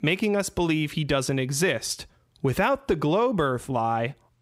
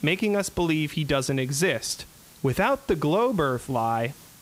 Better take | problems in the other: first | hiss; faint; throughout; 25 dB below the speech

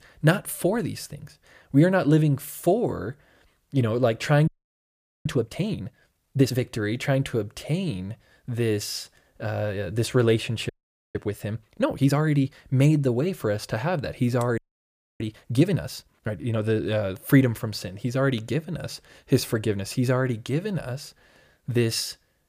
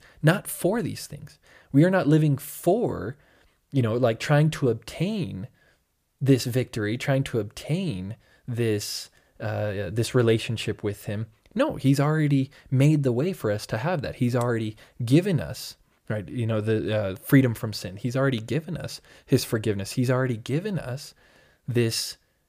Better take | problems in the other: second | audio freezing; at 4.5 s for 1 s, at 11 s and at 15 s for 0.5 s

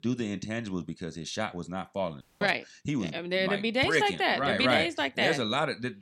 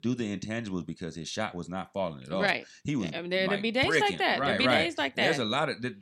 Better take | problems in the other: second | audio cutting out; at 2 s

